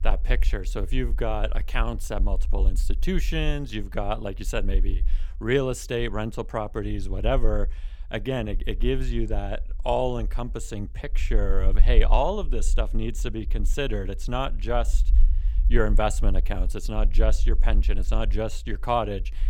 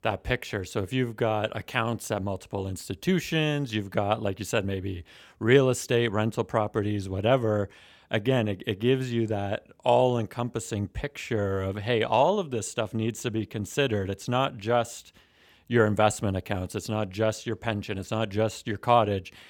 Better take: second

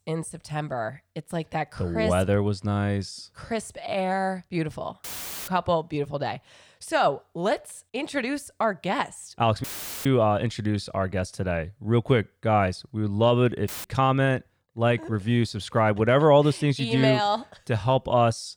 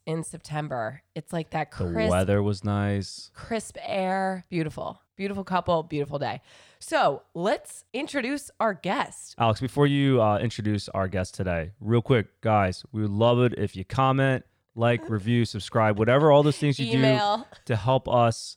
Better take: second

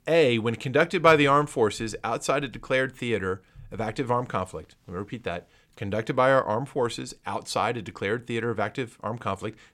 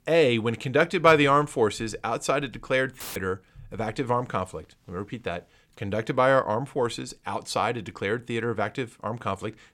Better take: first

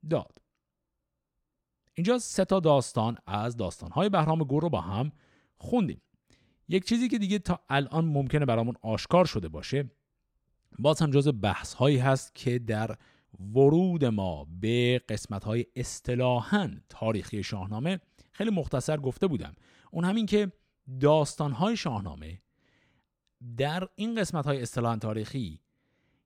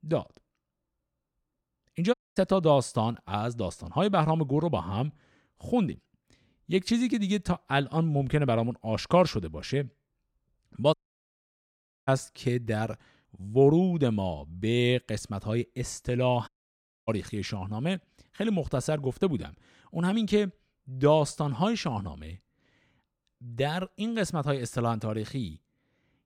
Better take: first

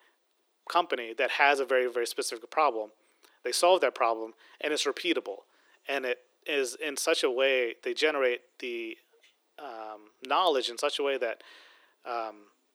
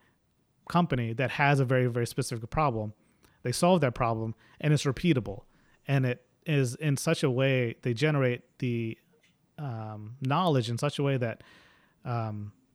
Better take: second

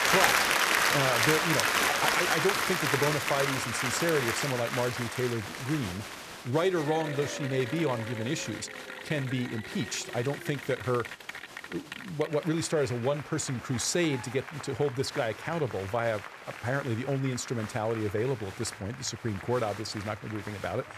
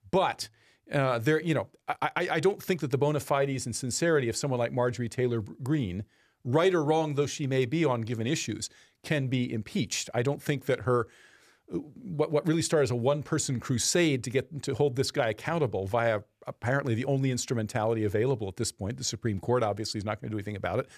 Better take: second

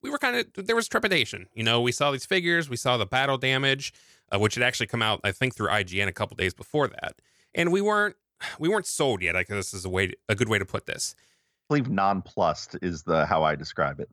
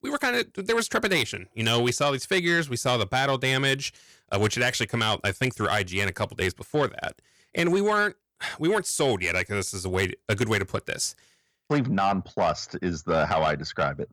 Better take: first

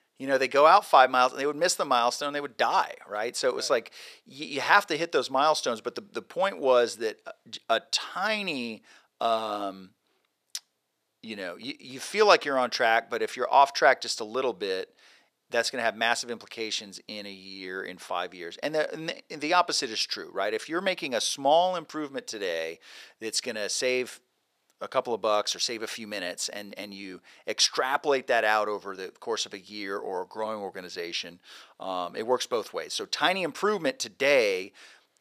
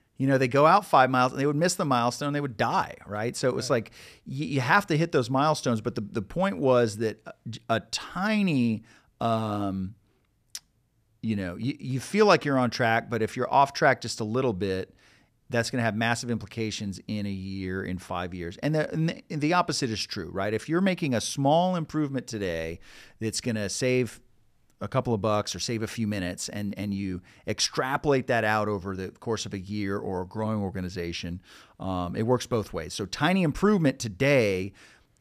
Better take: second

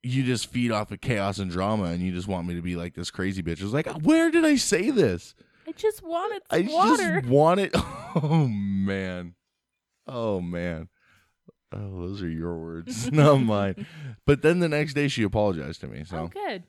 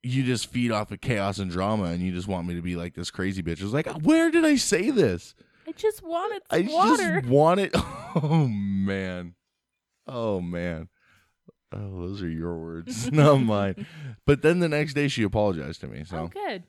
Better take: neither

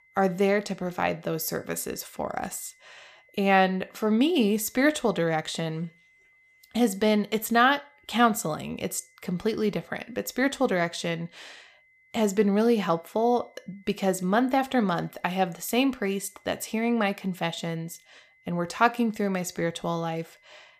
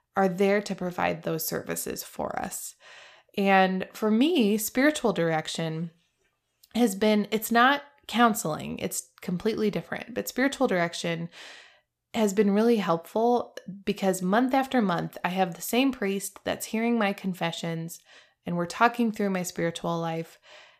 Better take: second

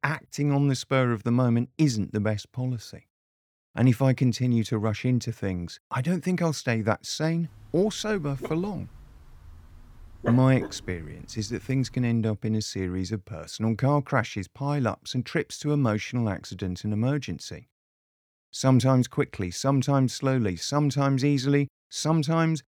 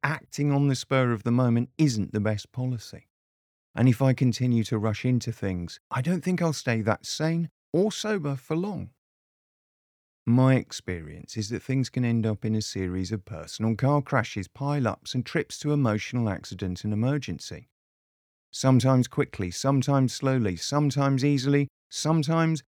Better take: second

